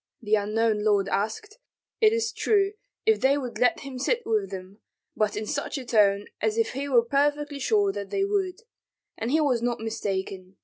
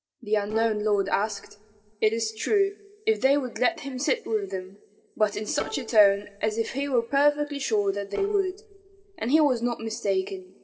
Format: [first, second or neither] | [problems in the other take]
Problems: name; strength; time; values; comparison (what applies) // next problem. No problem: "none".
first | noise reduction (neural separator model SepFormer DNS4)